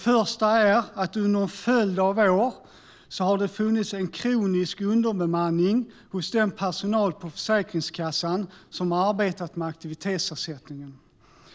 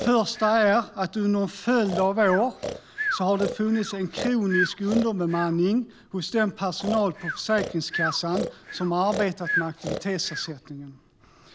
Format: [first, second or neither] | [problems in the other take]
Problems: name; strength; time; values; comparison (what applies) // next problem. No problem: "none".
first | background sound (Breathing); 9 dB below the speech